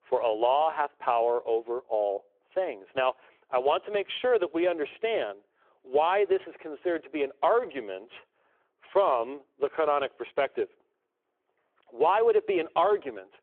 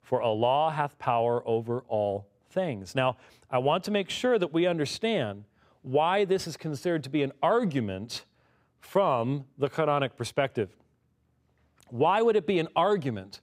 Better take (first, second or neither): second